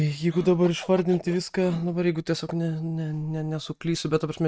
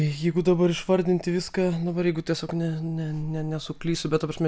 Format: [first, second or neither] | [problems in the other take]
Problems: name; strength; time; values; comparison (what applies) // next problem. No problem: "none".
second | noise reduction (neural mask model RNNoise)